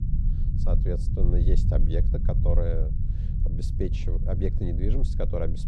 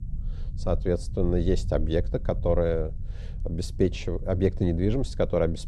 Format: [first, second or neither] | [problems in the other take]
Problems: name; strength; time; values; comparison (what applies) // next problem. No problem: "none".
second | low rumble; loud; throughout; 6 dB below the speech; faint in the second